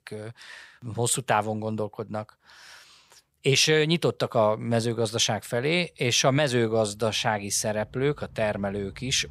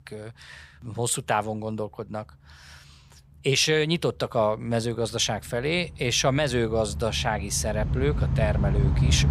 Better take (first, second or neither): first